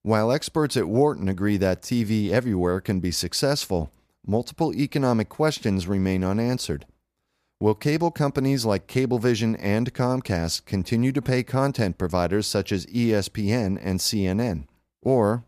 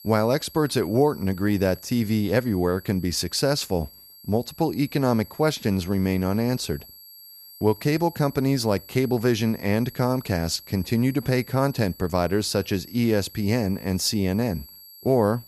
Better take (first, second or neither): first